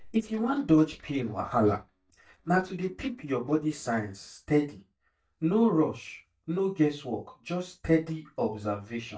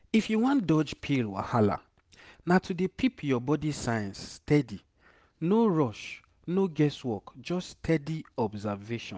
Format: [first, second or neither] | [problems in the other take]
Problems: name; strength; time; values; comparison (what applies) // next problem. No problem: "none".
second | noise reduction (neural mask model DeepFilterNet 3)